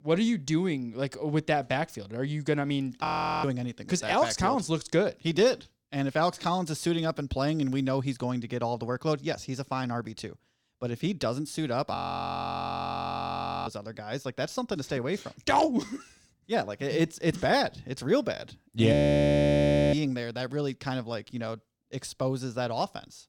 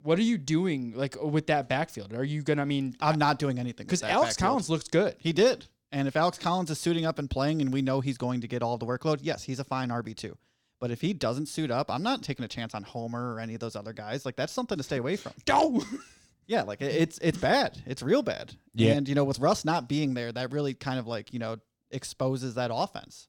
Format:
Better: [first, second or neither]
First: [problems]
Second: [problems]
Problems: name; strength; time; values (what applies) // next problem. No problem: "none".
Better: second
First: audio freezing; at 3 s, at 12 s for 1.5 s and at 19 s for 1 s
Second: none